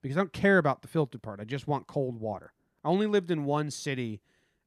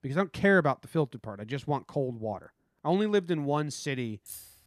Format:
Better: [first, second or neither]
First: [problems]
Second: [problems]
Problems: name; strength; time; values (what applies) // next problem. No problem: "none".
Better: first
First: none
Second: jangling keys; faint; at 4.5 s; peak 15 dB below the speech